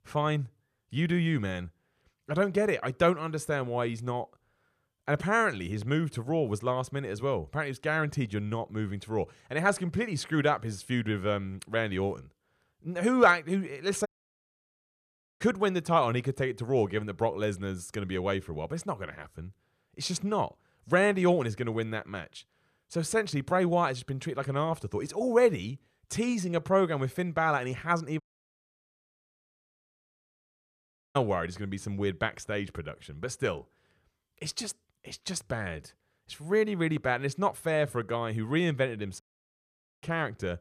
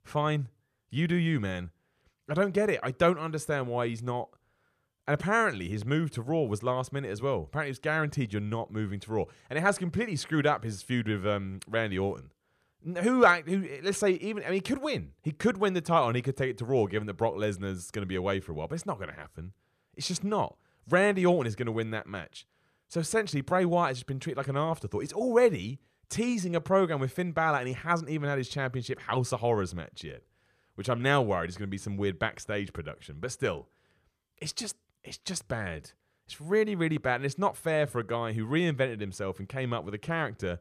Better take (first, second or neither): second